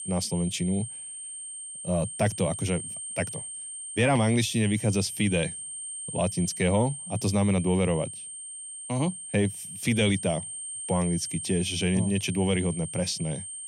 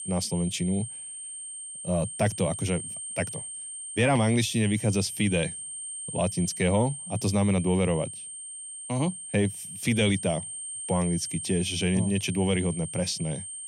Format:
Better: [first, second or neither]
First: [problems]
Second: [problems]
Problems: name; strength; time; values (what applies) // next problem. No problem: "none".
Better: neither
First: high-pitched whine; loud; throughout; 8.5 kHz, 8 dB below the speech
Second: high-pitched whine; loud; throughout; 8.5 kHz, 8 dB below the speech